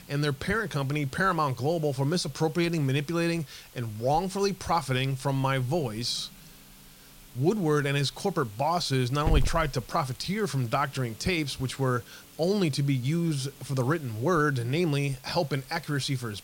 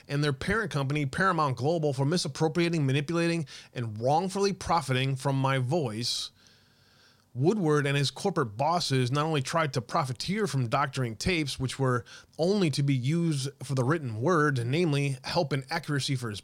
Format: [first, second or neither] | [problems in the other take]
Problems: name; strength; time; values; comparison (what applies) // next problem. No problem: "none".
second | hiss; noticeable; throughout; 15 dB below the speech